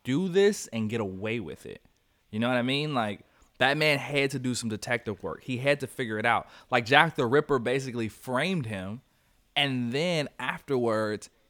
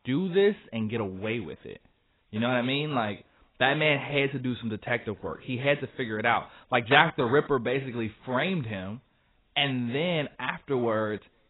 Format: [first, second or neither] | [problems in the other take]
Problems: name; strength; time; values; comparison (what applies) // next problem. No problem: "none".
first | garbled, watery; badly; nothing above 4 kHz